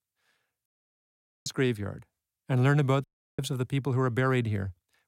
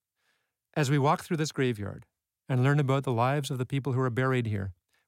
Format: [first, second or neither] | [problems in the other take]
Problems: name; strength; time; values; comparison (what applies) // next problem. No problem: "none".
second | audio cutting out; at 0.5 s for 1 s and at 3 s